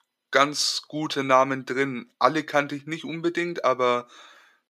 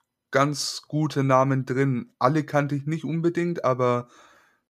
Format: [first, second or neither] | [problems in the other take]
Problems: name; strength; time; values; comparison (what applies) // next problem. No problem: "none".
second | thin; somewhat; fading below 300 Hz